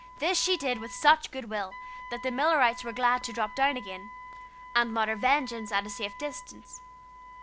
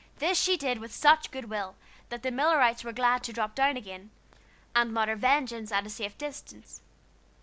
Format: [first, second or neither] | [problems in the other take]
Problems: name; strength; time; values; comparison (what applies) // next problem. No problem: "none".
second | background sound (Wind instrument, woodwind instrument); 15 dB below the speech